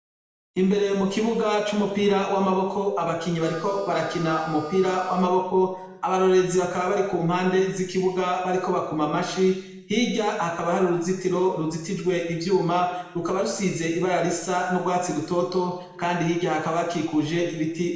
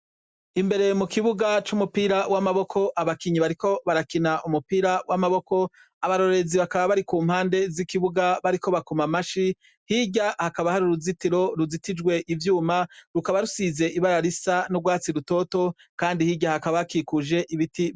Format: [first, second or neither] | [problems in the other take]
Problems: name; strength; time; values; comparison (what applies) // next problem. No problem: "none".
second | noise reduction (neural separator model SepFormer DNS4)